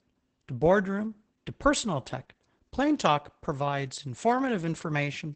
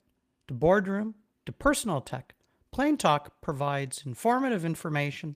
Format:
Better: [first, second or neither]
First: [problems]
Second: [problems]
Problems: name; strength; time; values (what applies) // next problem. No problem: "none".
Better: second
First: garbled, watery; badly; nothing above 8 kHz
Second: garbled, watery; slightly; nothing above 15 kHz